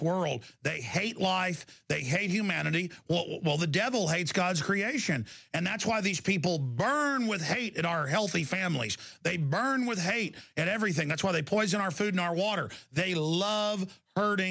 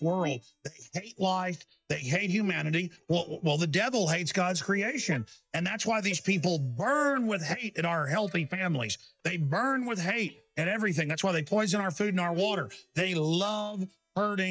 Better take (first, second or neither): first